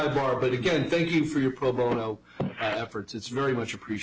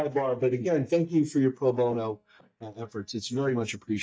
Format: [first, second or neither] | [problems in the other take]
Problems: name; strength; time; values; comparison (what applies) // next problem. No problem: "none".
first | noise reduction (neural mask model DeepFilterNet 3)